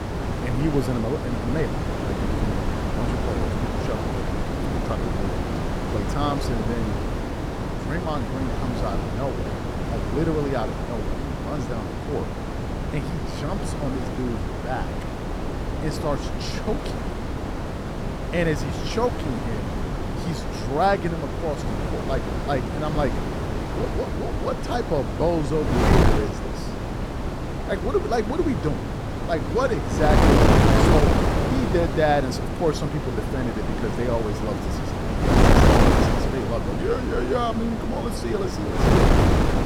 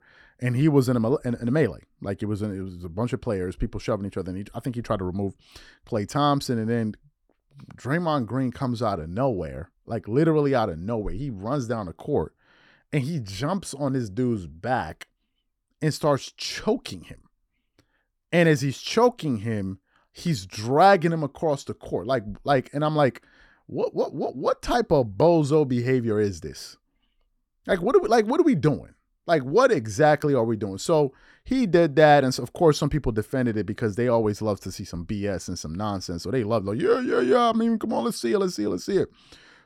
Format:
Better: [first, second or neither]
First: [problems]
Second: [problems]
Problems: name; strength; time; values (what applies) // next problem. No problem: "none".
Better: second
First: wind noise on the microphone; heavy; as loud as the speech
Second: none